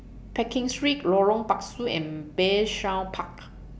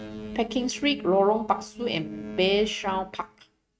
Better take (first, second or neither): first